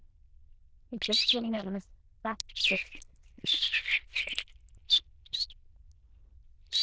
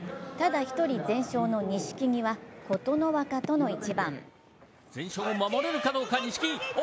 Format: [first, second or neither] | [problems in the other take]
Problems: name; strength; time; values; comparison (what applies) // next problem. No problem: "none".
second | noise reduction (neural diffusion model UNIVERSE++)